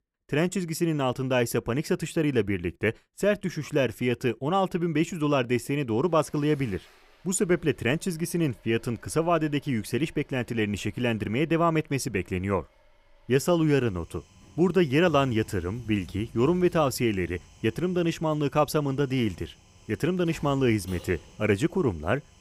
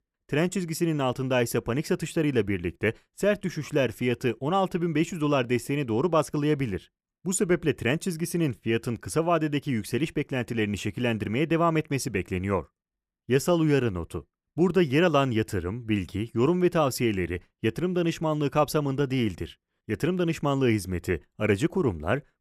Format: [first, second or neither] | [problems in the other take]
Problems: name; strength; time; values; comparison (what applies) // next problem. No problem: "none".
second | household noises; faint; from 6.5 s on; 25 dB below the speech